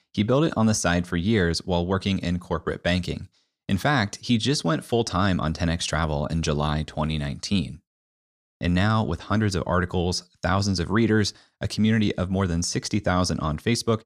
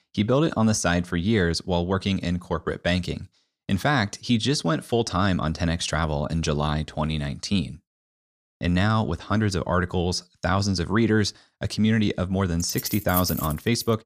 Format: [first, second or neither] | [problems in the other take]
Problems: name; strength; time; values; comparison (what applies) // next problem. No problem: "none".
first | jangling keys; noticeable; from 13 s on; peak 4 dB below the speech